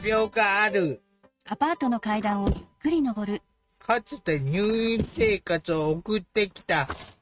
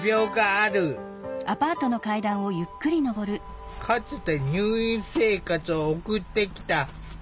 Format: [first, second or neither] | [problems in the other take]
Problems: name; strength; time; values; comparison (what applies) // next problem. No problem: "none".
second | noise reduction (neural mask model RNNoise)